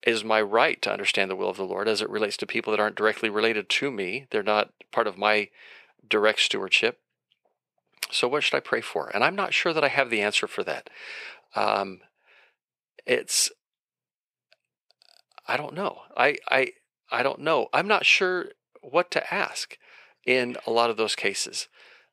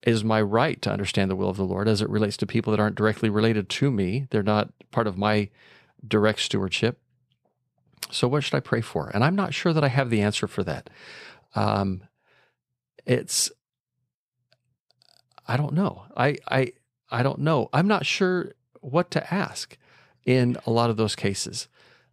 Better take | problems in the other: second | thin; very; fading below 450 Hz

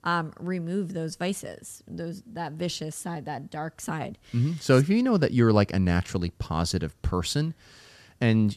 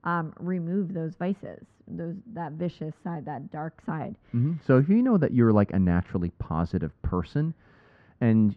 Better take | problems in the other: first | muffled; very; fading above 1.5 kHz

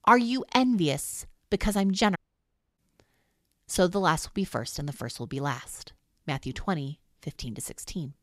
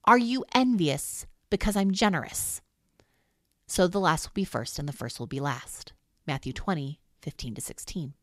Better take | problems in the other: second | audio cutting out; at 2 s for 0.5 s

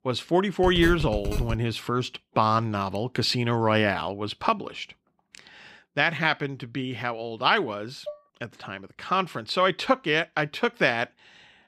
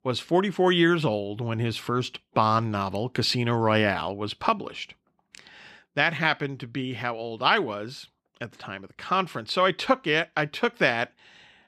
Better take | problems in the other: second | phone ringing; noticeable; at 0.5 s; peak 7 dB below the speech // clattering dishes; faint; at 8 s; peak 15 dB below the speech

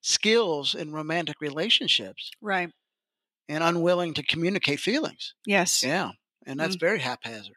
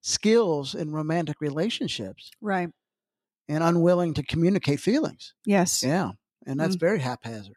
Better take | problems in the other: second | thin; very slightly; fading below 700 Hz

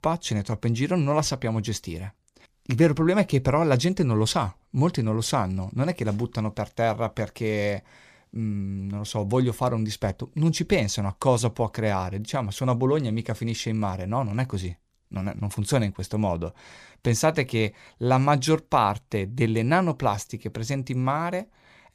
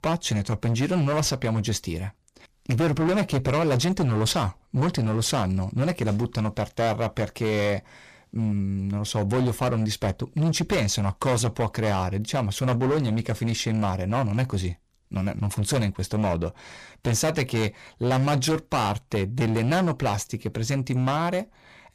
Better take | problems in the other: first | distortion; heavy; 16% of the sound clipped

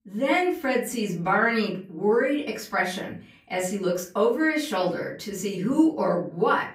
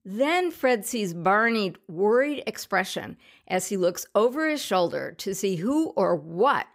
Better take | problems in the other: second | off-mic speech; far // room echo; slight; dies away in 0.3 s

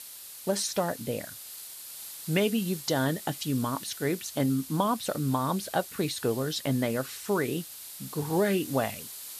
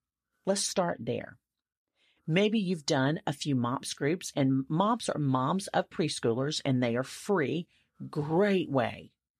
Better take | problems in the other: second | hiss; noticeable; throughout; 10 dB below the speech

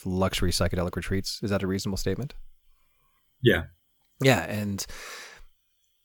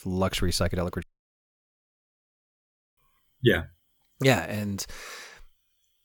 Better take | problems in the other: first | audio cutting out; at 1 s for 2 s

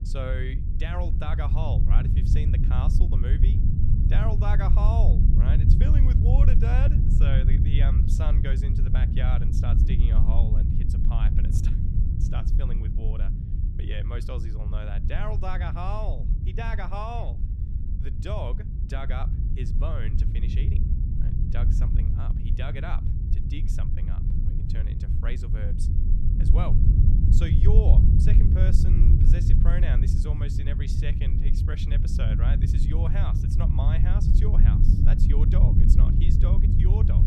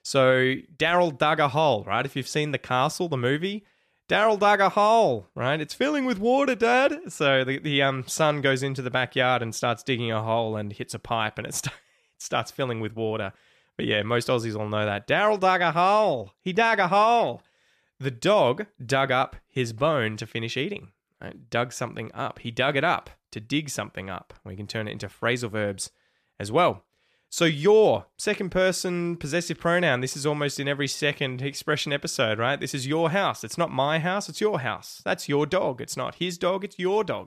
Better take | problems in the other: second | low rumble; loud; throughout; 1 dB below the speech

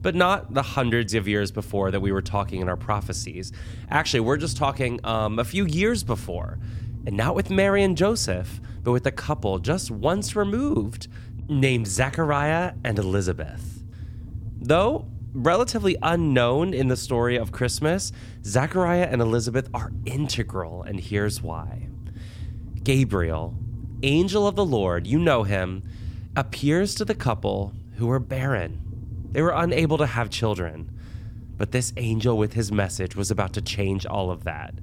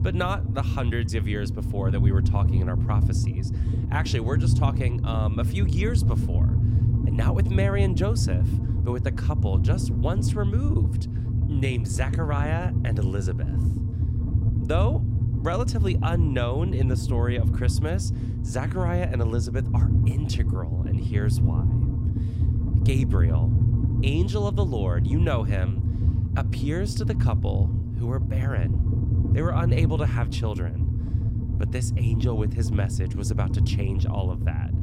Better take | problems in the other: first | low rumble; loud; throughout; 4 dB below the speech; faint in the first

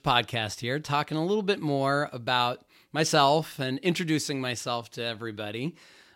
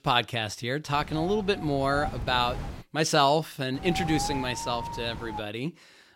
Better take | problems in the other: first | wind noise on the microphone; heavy; from 1 to 3 s and from 3.5 to 5.5 s; 9 dB below the speech

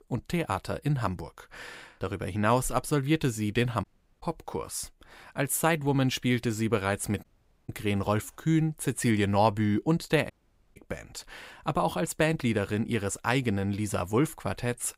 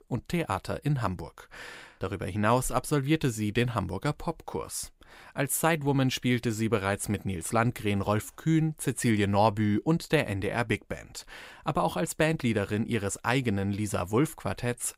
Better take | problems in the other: second | audio cutting out; at 4 s, at 7 s and at 10 s

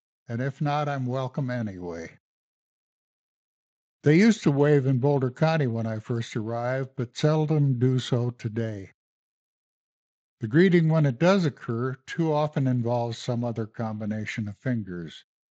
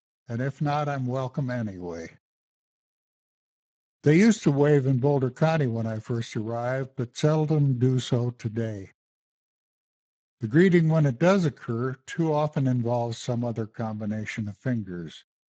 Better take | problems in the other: first | garbled, watery; badly; nothing above 7.5 kHz; slightly in the first

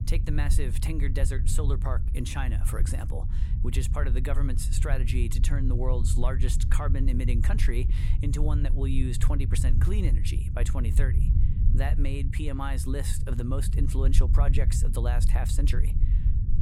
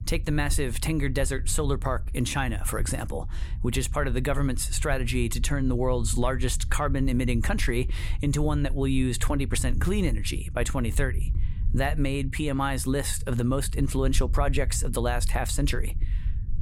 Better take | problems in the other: second | low rumble; loud; throughout; 7 dB below the speech; faint in the second

